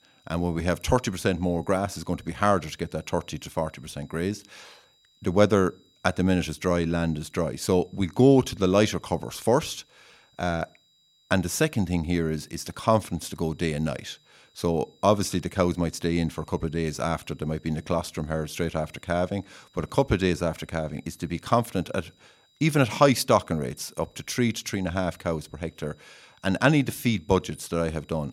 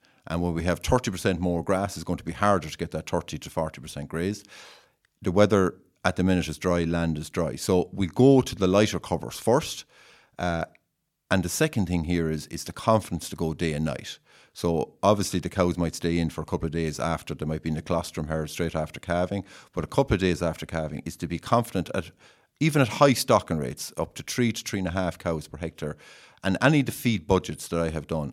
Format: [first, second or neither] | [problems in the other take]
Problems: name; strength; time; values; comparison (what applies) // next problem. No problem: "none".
second | high-pitched whine; faint; throughout; 4 kHz, 35 dB below the speech